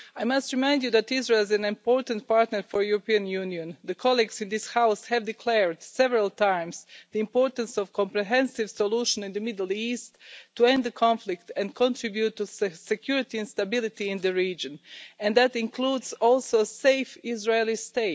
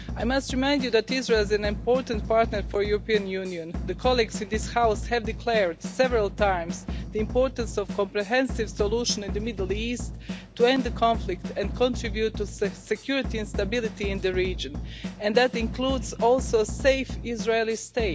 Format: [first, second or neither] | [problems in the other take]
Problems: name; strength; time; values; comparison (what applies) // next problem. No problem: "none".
first | background sound (Drum / Drum kit); 8 dB below the speech